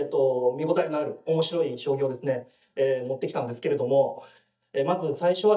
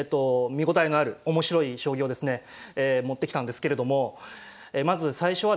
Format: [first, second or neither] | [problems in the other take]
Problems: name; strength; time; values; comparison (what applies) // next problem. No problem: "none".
second | noise reduction (neural mask model DeepFilterNet 3)